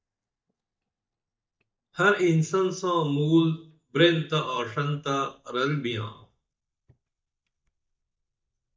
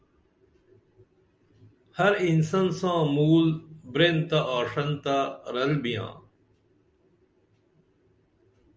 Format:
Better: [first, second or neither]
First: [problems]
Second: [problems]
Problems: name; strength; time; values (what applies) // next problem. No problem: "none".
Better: second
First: noise reduction (neural mask model DeepFilterNet 3)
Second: none